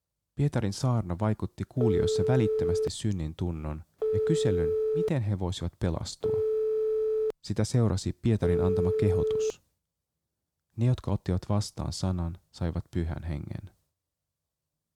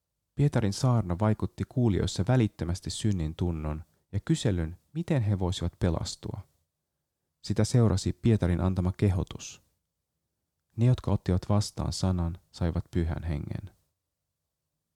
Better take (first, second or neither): second